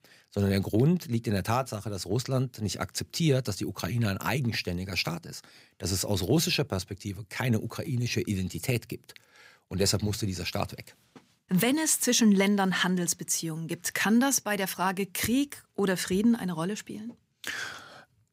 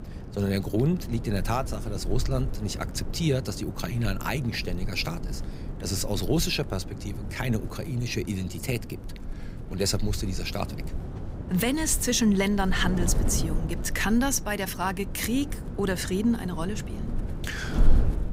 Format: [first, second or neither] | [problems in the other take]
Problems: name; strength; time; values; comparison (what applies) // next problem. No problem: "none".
first | wind noise on the microphone; occasional gusts; 15 dB below the speech